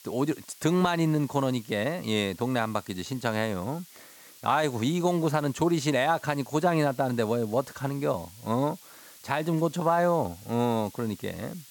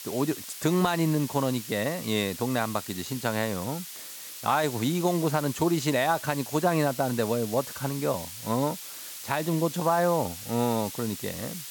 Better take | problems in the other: first | hiss; loud; throughout; 10 dB below the speech; faint in the first

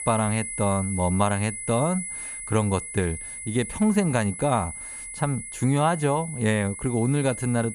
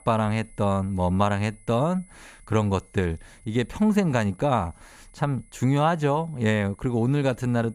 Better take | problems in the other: second | high-pitched whine; loud; throughout; 10 kHz, 8 dB below the speech; faint in the second

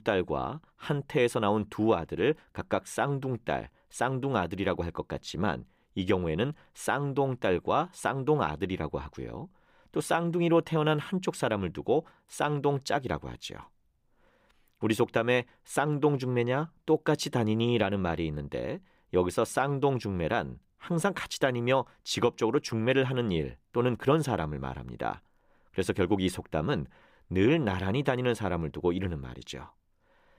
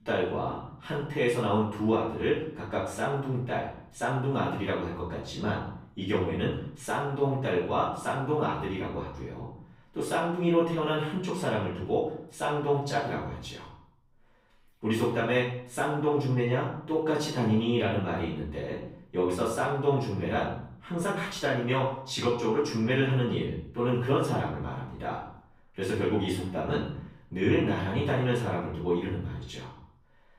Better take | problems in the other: first | room echo; noticeable; dies away in 0.6 s // off-mic speech; far

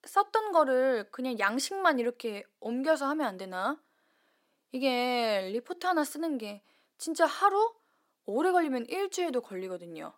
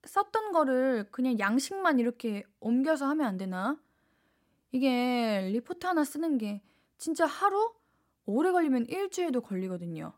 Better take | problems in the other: second | thin; somewhat; fading below 450 Hz

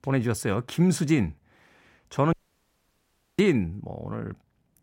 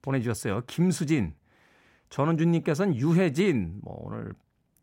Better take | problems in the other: second | audio cutting out; at 2.5 s for 1 s

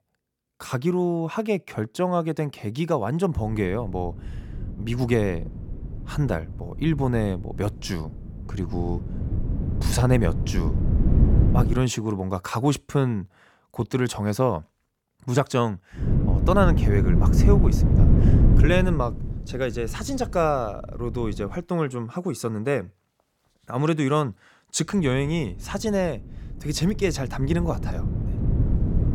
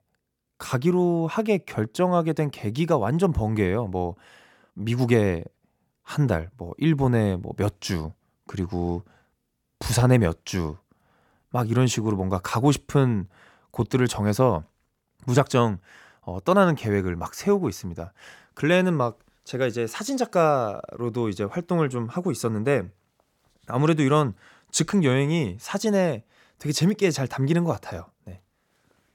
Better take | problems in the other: second | wind noise on the microphone; heavy; from 3.5 to 12 s, from 16 to 22 s and from 25 s on; 7 dB below the speech

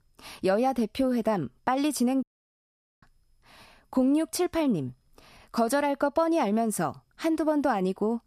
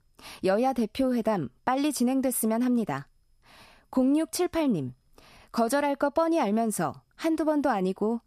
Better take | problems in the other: second | audio cutting out; at 2 s for 1 s

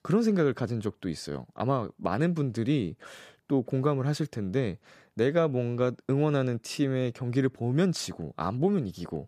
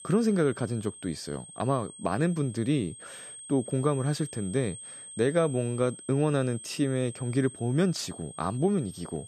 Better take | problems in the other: first | high-pitched whine; noticeable; throughout; 8.5 kHz, 15 dB below the speech

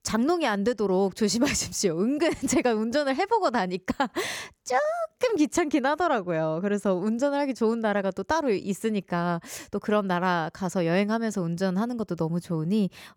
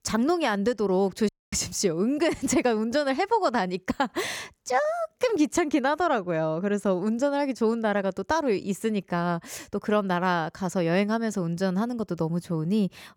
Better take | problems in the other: first | audio cutting out; at 1.5 s

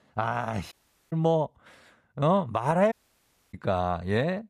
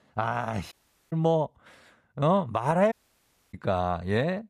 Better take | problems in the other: neither | audio cutting out; at 0.5 s and at 3 s for 0.5 s; the same in both

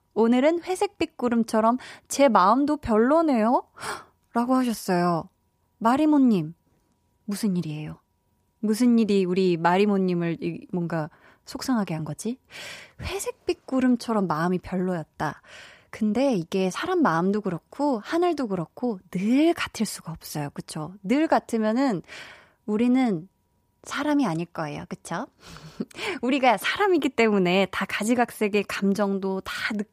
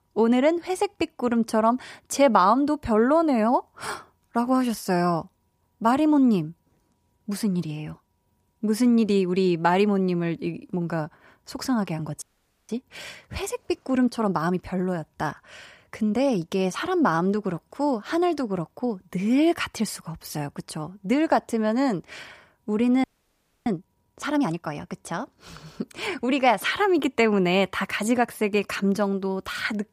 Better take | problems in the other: first | audio freezing; at 12 s and at 23 s for 0.5 s

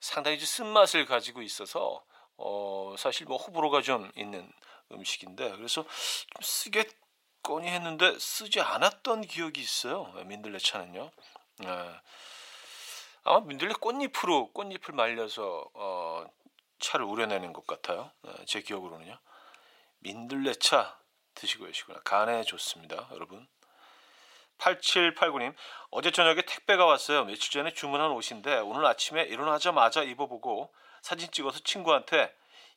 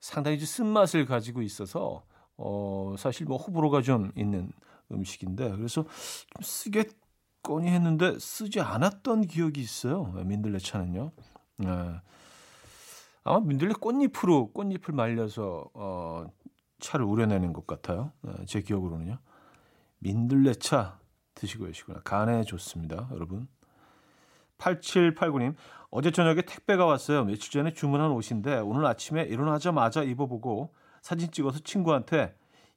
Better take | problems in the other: second | thin; very; fading below 650 Hz

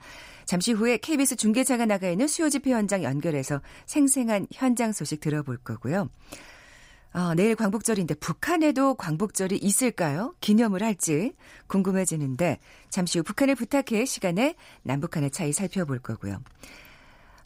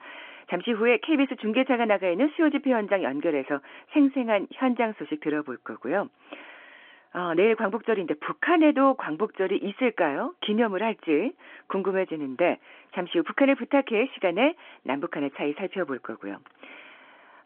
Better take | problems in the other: first | phone-call audio; nothing above 3 kHz

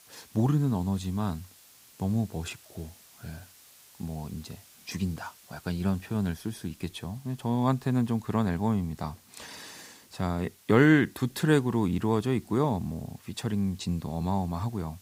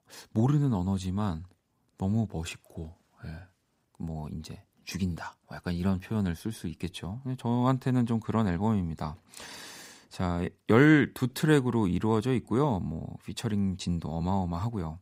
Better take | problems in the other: second | hiss; faint; throughout; 25 dB below the speech

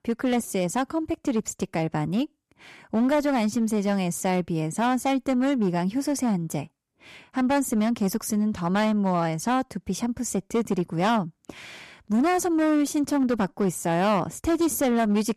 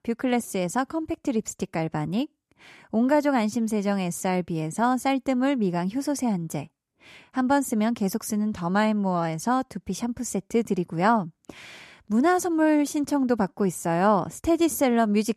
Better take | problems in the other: second | distortion; slight; 8% of the sound clipped

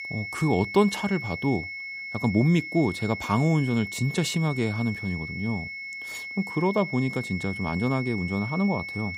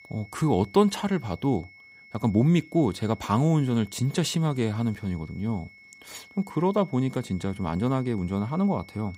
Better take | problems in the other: second | high-pitched whine; loud; throughout; 2 kHz, 8 dB below the speech; faint in the second

